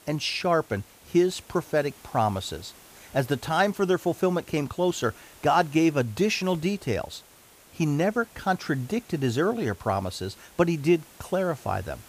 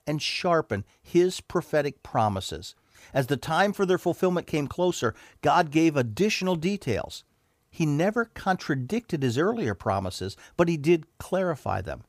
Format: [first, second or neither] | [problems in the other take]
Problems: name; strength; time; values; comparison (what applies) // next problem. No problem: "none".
second | hiss; faint; throughout; 25 dB below the speech